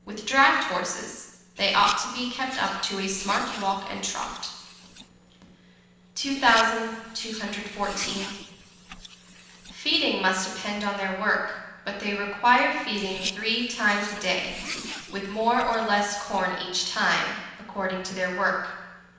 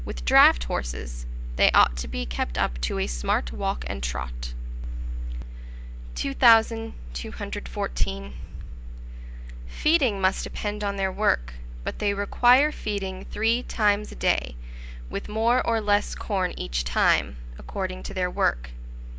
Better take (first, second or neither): second